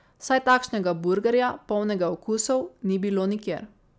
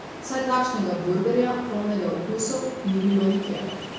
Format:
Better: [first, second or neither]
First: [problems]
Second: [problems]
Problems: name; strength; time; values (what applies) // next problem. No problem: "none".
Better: first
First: none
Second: background sound (Ocean); 12 dB below the speech // room echo; dies away in 0.9 s